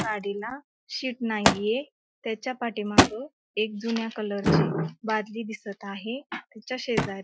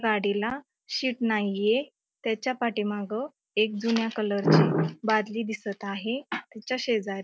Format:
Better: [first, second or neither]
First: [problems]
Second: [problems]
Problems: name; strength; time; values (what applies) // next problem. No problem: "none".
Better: second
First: noise reduction (classical method Wiener filter)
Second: none